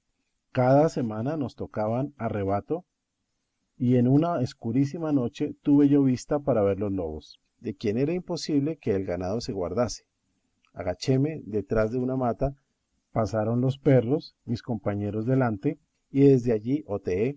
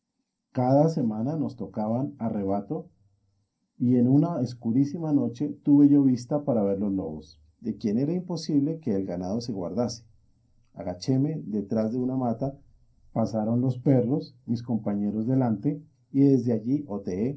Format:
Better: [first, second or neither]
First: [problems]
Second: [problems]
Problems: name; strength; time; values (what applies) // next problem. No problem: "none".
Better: first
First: none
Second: room echo; dies away in 0.3 s